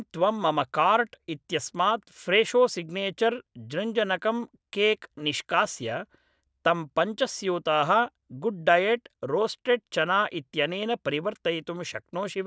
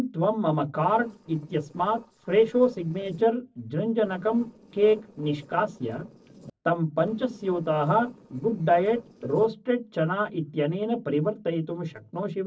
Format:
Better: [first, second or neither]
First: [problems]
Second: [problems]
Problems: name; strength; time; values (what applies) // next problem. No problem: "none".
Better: first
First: none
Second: noise reduction (neural separator model SepFormer DNS4)